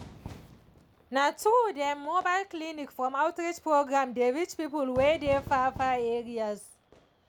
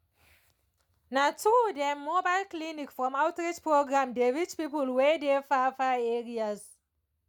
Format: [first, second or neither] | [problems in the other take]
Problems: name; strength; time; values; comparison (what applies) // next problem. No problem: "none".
second | background sound (Fire / Fireworks); 19 dB below the speech